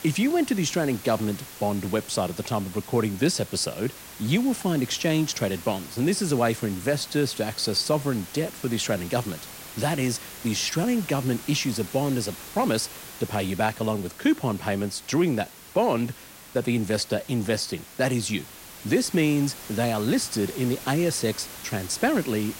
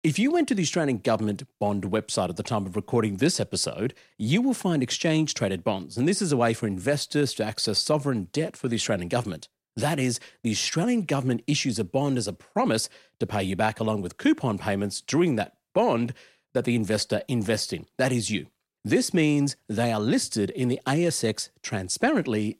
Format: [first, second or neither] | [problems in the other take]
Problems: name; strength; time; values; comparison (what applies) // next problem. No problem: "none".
second | hiss; noticeable; throughout; 15 dB below the speech